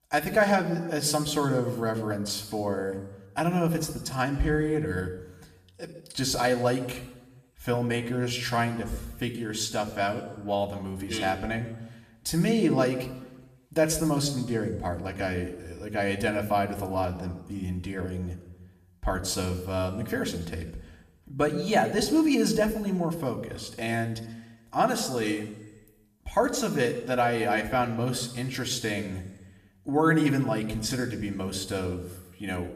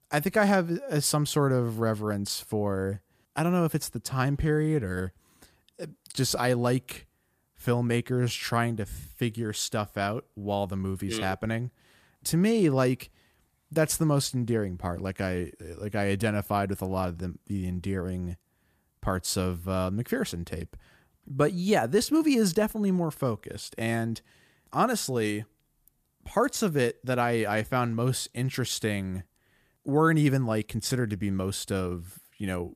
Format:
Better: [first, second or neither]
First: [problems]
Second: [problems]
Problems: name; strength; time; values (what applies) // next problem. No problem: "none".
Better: second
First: room echo; slight; dies away in 0.9 s // off-mic speech; somewhat distant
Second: none